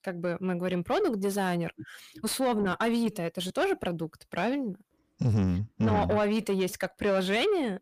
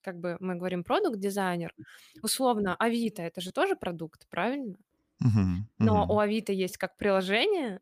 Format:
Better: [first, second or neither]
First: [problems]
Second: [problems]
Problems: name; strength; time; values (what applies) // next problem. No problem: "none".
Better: second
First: distortion; slight; 10 dB below the speech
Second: none